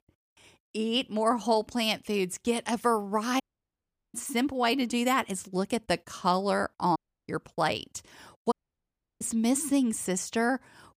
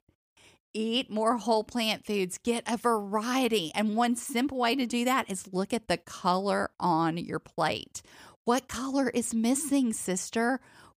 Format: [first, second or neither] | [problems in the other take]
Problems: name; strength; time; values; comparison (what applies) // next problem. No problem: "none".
second | audio cutting out; at 3.5 s for 0.5 s, at 7 s and at 8.5 s for 0.5 s